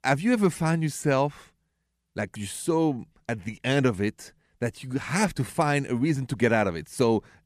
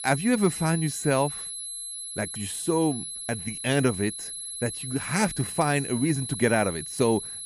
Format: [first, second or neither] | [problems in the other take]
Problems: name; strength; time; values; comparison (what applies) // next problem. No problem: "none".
first | high-pitched whine; loud; throughout; 11 kHz, 7 dB below the speech